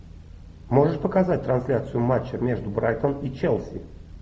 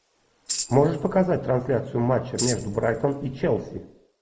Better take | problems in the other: first | noise reduction (neural mask model Resemble Enhance denoiser)

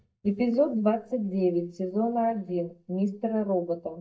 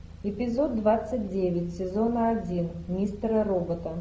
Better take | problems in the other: second | noise reduction (neural mask model DeepFilterNet 3)

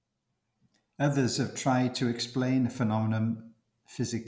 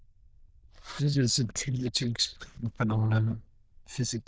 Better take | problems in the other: first | noise reduction (neural diffusion model UNIVERSE++)

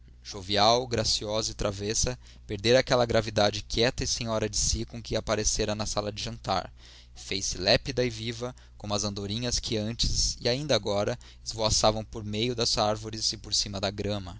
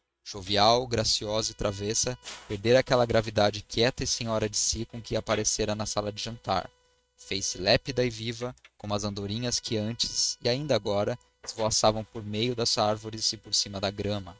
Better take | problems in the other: first | noise reduction (neural mask model RNNoise)

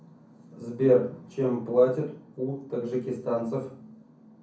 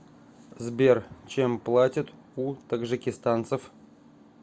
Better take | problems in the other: second | room echo; dies away in 0.6 s

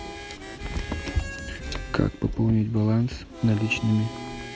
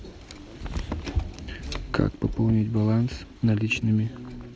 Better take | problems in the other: second | background sound (Harmonica); 15 dB below the speech

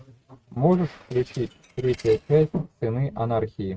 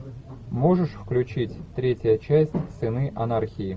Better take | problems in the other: second | noise reduction (neural mask model RNNoise)

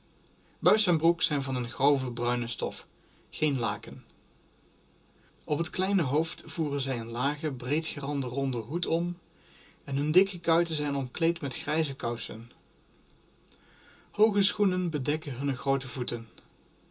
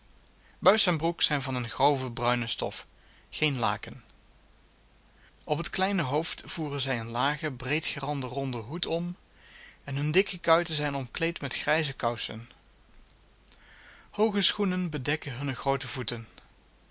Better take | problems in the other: second | room echo; dies away in 0.2 s

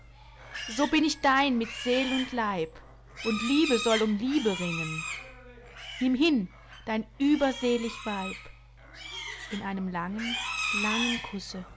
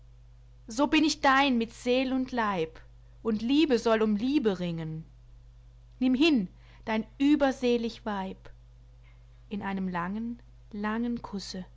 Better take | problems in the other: second | background sound (Livestock, farm animals, working animals); 8 dB below the speech

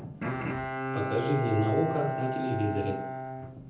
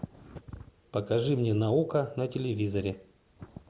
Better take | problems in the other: second | background sound (Bowed string instrument); 2 dB below the speech // room echo; dies away in 0.6 s

